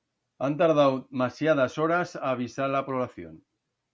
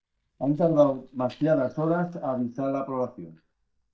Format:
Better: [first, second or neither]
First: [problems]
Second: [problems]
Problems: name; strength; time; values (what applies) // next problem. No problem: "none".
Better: first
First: none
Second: noise reduction (neural mask model DeepFilterNet 3)